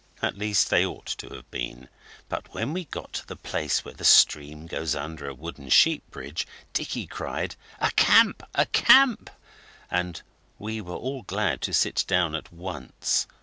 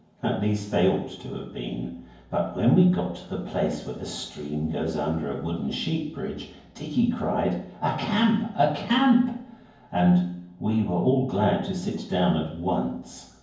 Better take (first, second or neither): first